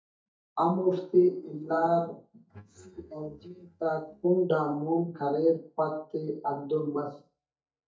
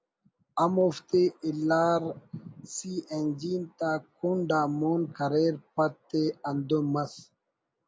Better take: second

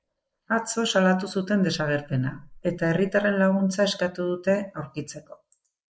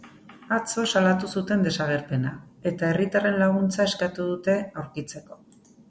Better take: second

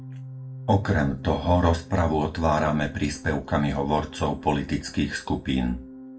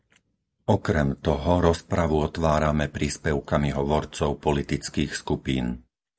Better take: second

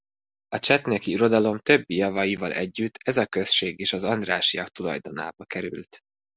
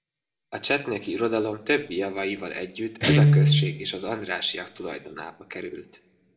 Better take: first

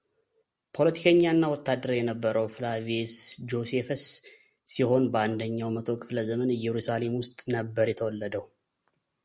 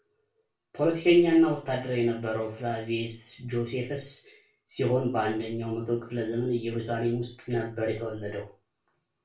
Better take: first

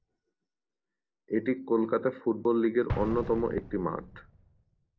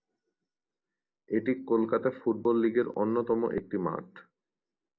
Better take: second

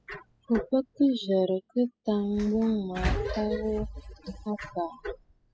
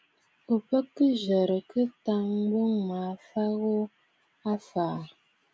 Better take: second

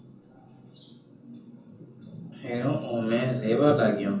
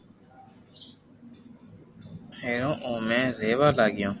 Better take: second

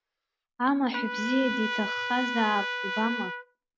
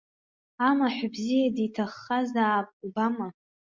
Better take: second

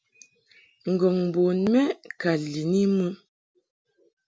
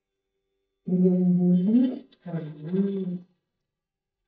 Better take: first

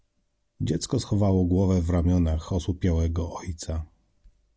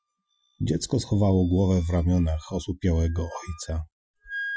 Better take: first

